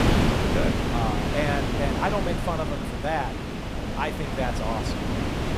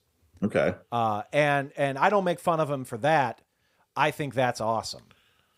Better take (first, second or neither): second